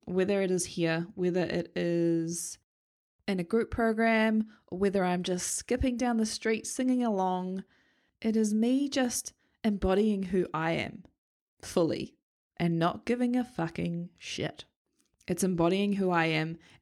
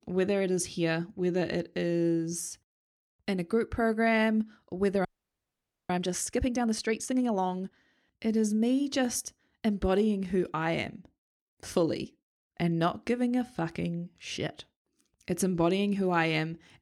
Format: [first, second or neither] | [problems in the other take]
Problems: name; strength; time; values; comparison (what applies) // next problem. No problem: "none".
first | audio freezing; at 5 s for 1 s